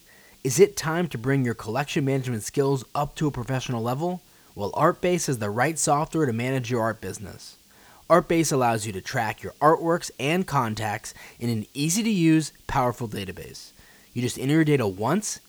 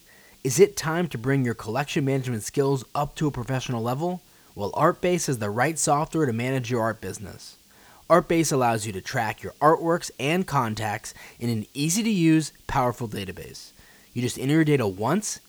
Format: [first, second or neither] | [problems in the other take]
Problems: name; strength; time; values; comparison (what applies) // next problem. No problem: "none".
neither | hiss; faint; throughout; 30 dB below the speech; the same in both